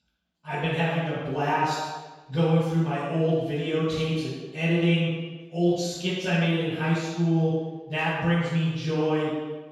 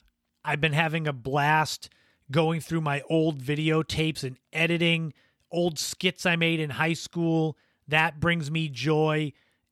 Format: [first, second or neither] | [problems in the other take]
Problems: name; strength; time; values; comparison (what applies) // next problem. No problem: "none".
second | room echo; strong; dies away in 1.2 s // off-mic speech; far